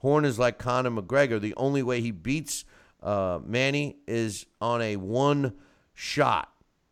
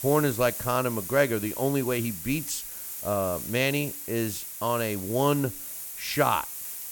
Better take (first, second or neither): first